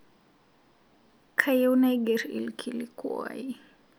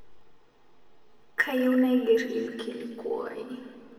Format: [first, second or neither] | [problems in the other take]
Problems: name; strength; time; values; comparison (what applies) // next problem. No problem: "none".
first | room echo; dies away in 2.1 s